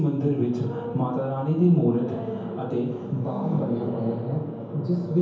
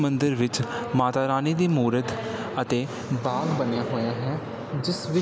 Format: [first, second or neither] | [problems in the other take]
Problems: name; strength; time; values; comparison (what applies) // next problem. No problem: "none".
second | room echo; dies away in 0.9 s